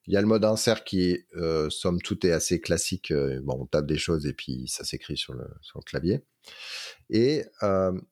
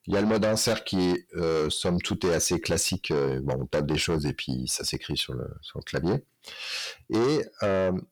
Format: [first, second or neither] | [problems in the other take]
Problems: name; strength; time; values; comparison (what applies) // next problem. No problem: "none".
first | distortion; heavy; 7 dB below the speech